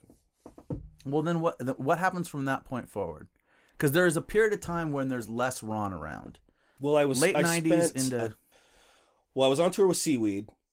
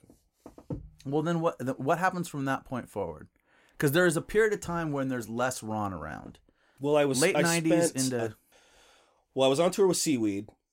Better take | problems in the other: second | garbled, watery; slightly; nothing above 16 kHz

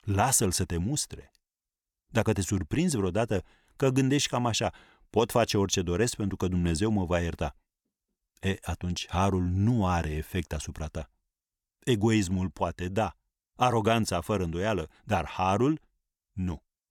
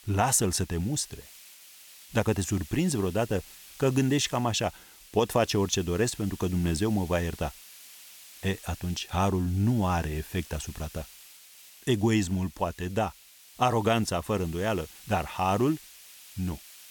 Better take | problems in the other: first | hiss; noticeable; throughout; 20 dB below the speech

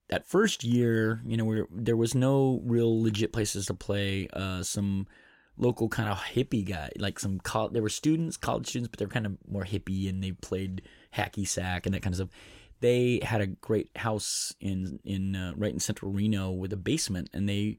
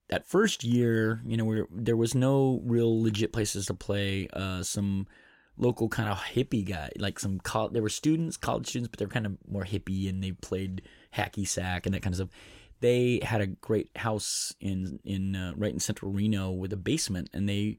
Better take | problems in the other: neither | none

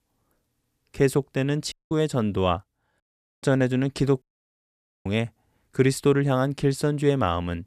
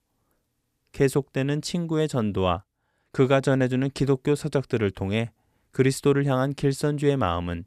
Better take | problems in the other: second | audio cutting out; at 1.5 s, at 3 s and at 4 s for 1 s

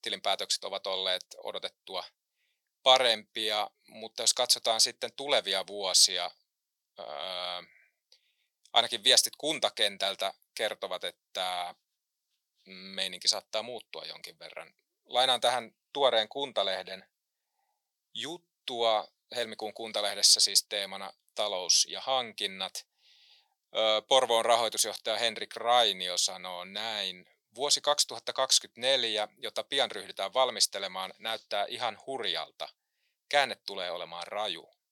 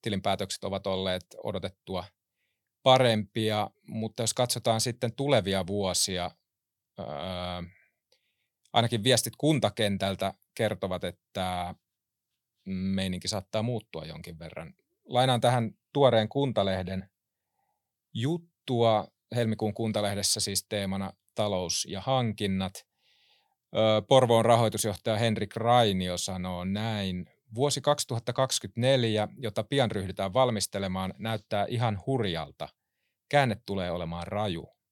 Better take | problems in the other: second | thin; very; fading below 600 Hz

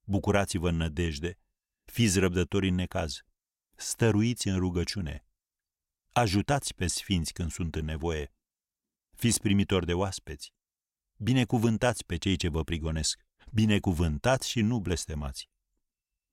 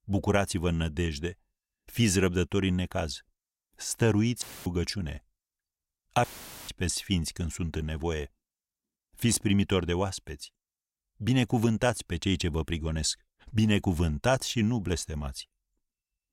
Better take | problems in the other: first | audio cutting out; filled with static; at 4.5 s and at 6 s

